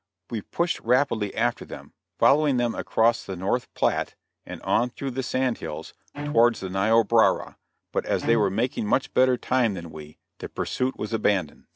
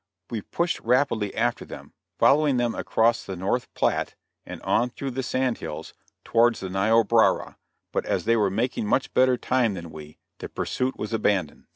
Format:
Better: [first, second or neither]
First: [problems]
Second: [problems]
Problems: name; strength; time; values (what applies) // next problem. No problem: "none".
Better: second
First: background sound (Bowed string instrument); 12 dB below the speech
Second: none